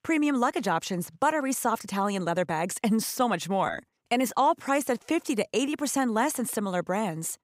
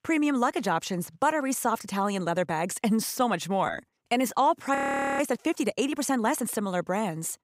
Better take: first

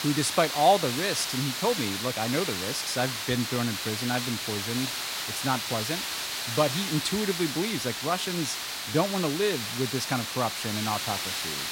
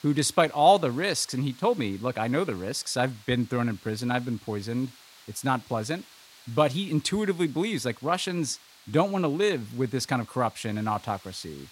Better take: second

